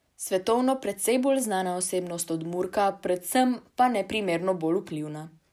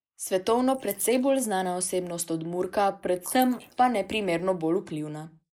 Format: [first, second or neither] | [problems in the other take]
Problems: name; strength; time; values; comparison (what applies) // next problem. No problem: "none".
first | noise reduction (neural mask model Resemble Enhance denoiser)